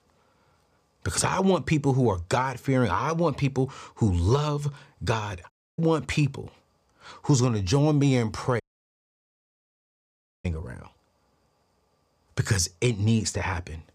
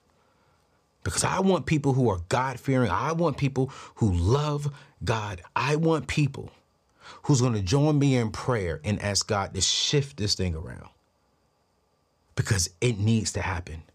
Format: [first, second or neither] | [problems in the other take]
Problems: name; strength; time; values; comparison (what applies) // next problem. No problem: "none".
second | audio cutting out; at 5.5 s and at 8.5 s for 2 s